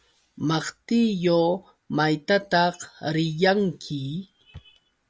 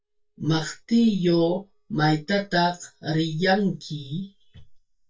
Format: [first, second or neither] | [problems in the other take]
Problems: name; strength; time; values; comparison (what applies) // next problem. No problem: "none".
first | noise reduction (neural mask model DeepFilterNet 3)